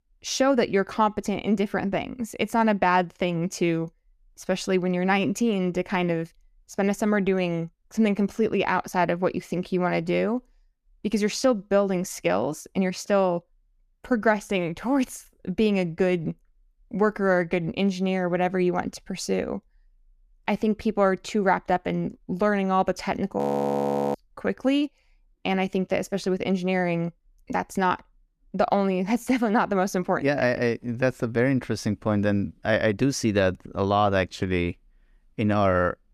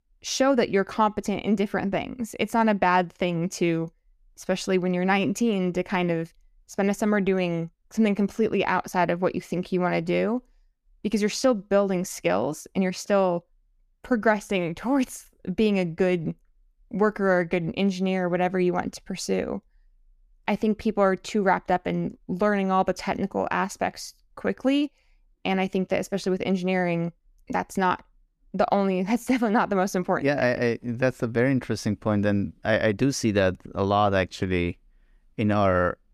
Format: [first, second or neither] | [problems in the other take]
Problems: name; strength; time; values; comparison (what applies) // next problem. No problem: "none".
second | audio freezing; at 23 s for 1 s